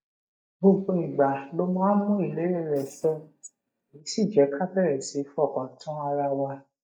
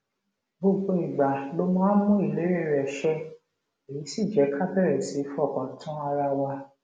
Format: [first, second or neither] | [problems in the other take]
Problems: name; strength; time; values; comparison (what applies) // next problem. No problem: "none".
second | noise reduction (neural mask model DeepFilterNet 3)